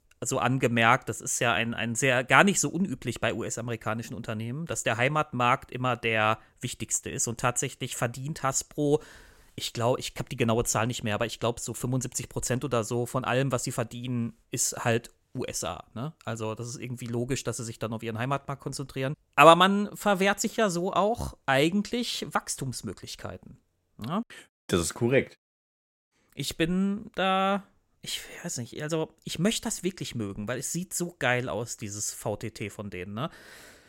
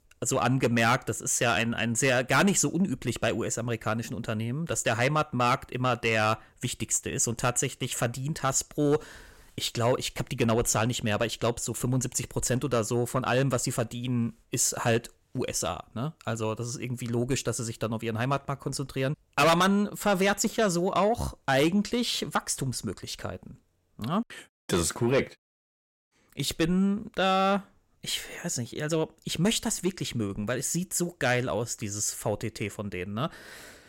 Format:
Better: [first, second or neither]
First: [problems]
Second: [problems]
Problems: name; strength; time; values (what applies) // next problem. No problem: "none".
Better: first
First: none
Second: distortion; heavy; 8 dB below the speech